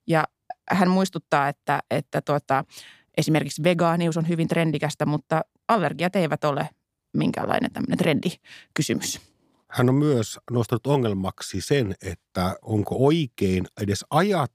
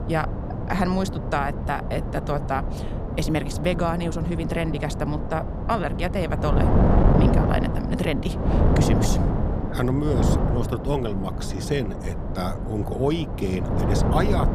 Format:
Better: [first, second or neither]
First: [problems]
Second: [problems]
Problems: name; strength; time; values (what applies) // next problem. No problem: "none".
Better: first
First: none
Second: wind noise on the microphone; heavy; 3 dB below the speech